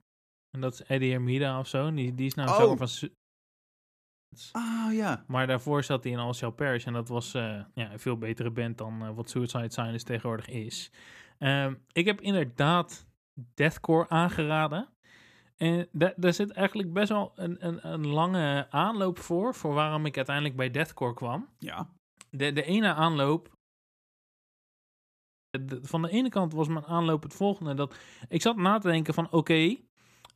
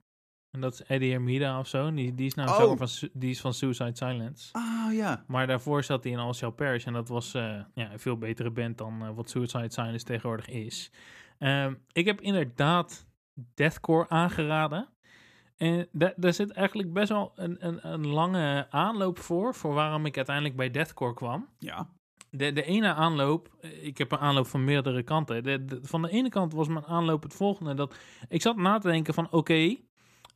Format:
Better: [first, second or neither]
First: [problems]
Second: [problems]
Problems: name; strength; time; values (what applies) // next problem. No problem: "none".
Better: second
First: audio cutting out; at 3 s for 1 s and at 24 s for 2 s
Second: none